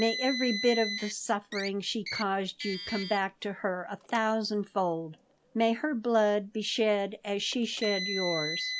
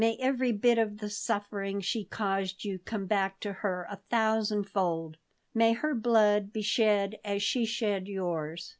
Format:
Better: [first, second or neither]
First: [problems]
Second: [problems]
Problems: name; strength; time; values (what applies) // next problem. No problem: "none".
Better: second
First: background sound (Car); 9 dB below the speech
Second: none